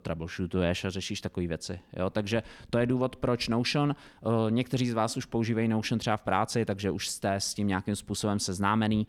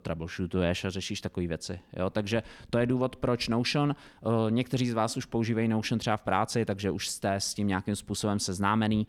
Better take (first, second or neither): neither